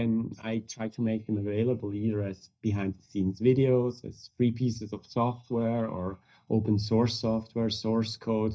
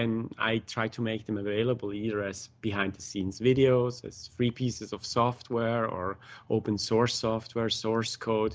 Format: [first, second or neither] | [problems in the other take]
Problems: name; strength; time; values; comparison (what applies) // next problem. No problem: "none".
second | noise reduction (neural mask model DeepFilterNet 3)